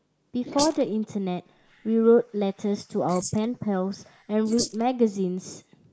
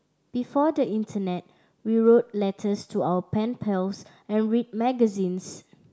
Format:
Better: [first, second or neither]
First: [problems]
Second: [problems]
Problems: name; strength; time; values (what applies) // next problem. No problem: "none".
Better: second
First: noise reduction (neural mask model Resemble Enhance denoiser)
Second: none